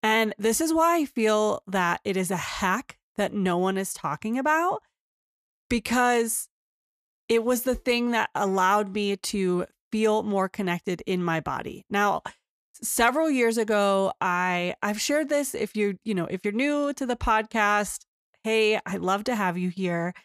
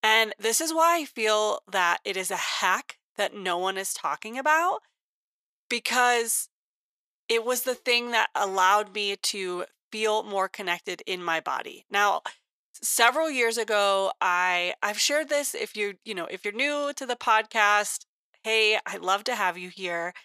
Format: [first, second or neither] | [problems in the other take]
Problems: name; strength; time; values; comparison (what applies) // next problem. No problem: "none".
first | thin; somewhat; fading below 500 Hz